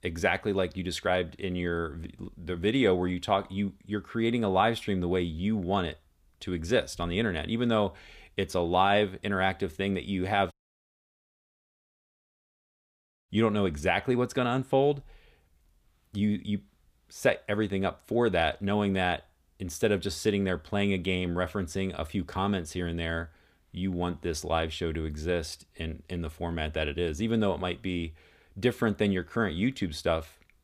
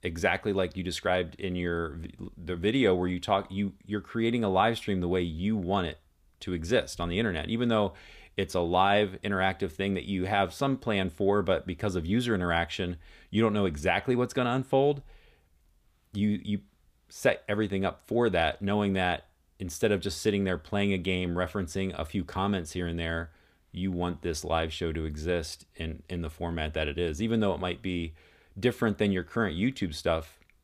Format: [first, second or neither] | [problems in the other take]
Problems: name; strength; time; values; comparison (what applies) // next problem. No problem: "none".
second | audio cutting out; at 11 s for 3 s